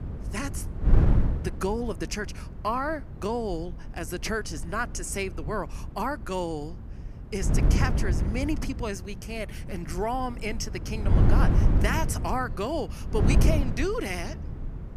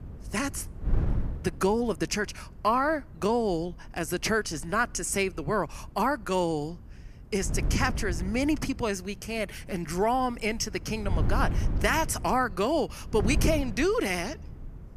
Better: second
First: wind noise on the microphone; heavy; 7 dB below the speech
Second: wind noise on the microphone; occasional gusts; 20 dB below the speech

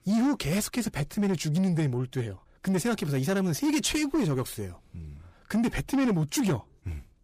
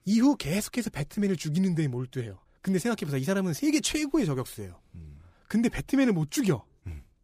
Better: second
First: distortion; slight; 10 dB below the speech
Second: none

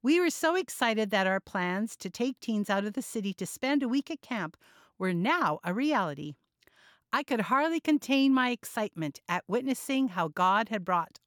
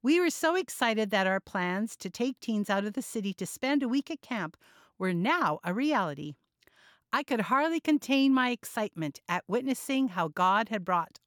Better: neither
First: none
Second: none

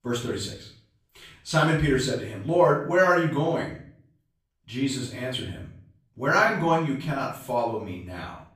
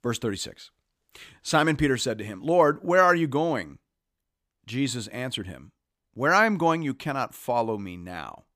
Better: second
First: off-mic speech; far // room echo; noticeable; dies away in 0.5 s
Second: none

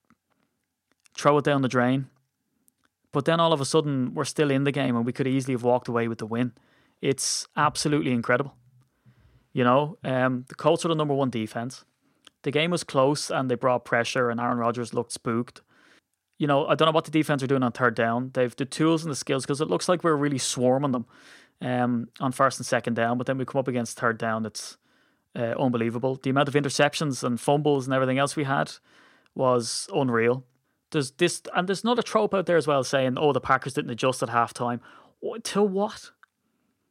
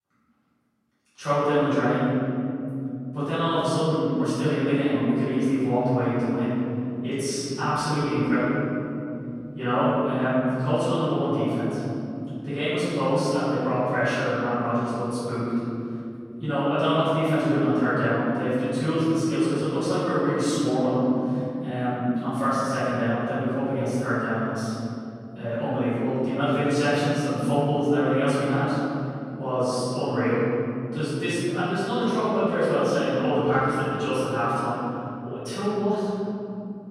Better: first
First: none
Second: off-mic speech; far // room echo; strong; dies away in 3 s

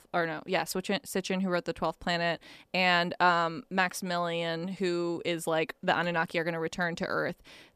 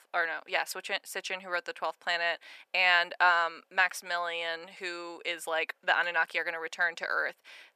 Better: first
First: none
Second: thin; very; fading below 700 Hz

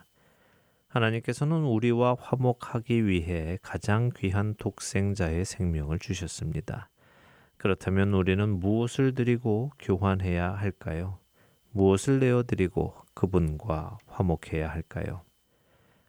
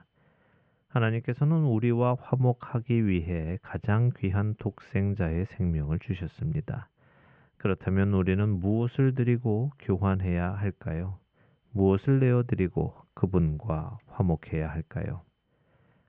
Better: first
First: none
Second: muffled; very; fading above 2.5 kHz

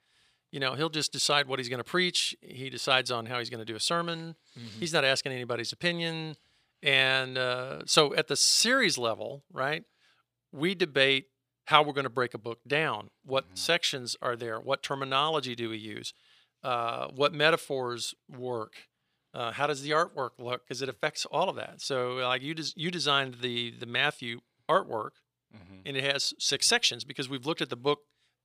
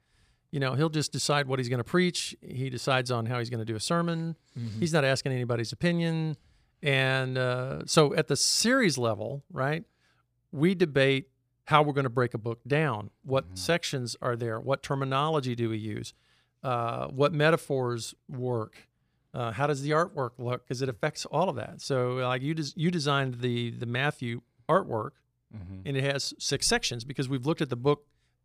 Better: second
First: thin; somewhat; fading below 950 Hz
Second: none

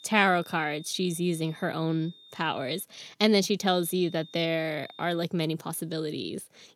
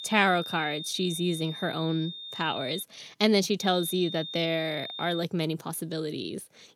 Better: first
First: high-pitched whine; faint; until 3 s and from 3.5 to 5 s; 3.5 kHz, 20 dB below the speech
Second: high-pitched whine; loud; until 3 s and from 3.5 to 5 s; 3.5 kHz, 8 dB below the speech

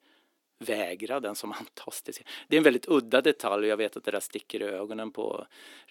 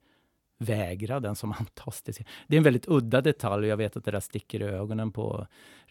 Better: second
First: thin; somewhat; fading below 300 Hz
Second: none

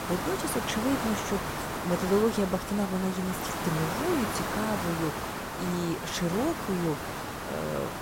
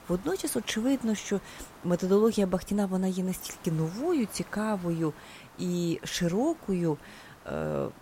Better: second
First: hiss; loud; throughout; 2 dB below the speech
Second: hiss; faint; throughout; 20 dB below the speech

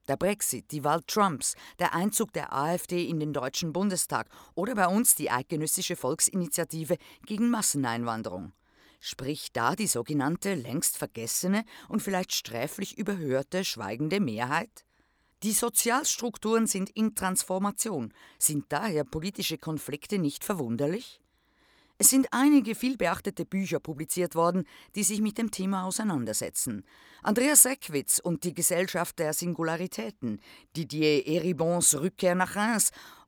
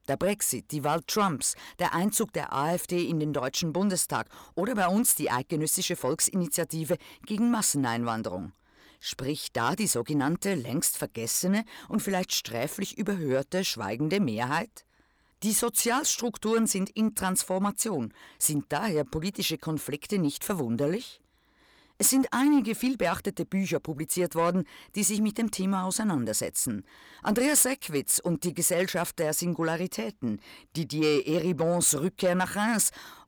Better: first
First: none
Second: distortion; slight; 10 dB below the speech

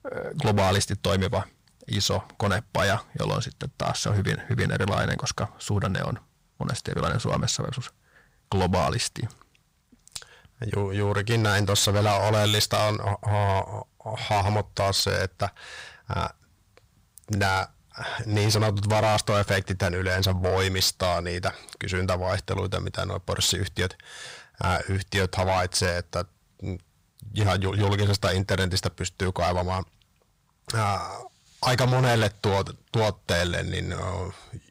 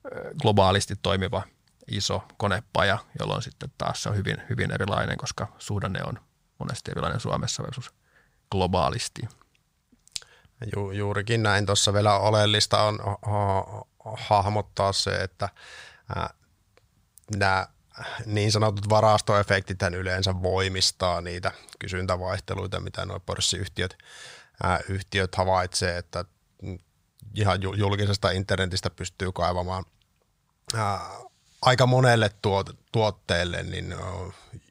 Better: second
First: distortion; heavy; 9% of the sound clipped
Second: none

